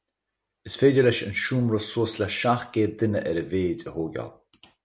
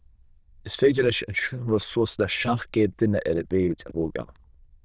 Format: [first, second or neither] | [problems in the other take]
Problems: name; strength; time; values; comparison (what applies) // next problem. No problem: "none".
first | noise reduction (neural diffusion model UNIVERSE++)